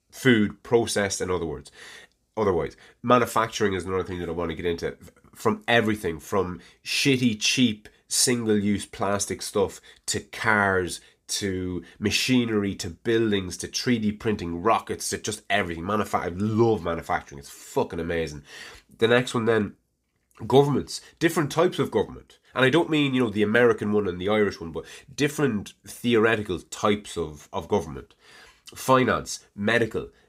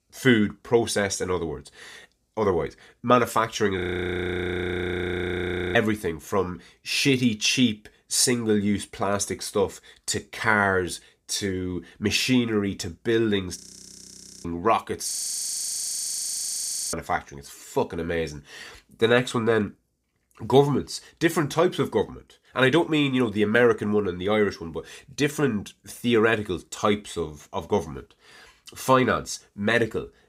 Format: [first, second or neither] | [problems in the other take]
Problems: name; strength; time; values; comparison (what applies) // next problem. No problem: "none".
first | audio freezing; at 4 s for 2 s, at 14 s for 1 s and at 15 s for 2 s